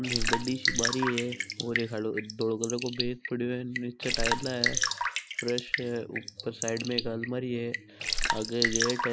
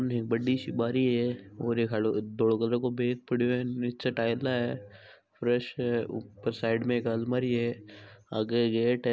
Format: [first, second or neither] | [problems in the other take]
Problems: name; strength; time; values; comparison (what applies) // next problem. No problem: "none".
second | background sound (Raindrop / Drip); as loud as the speech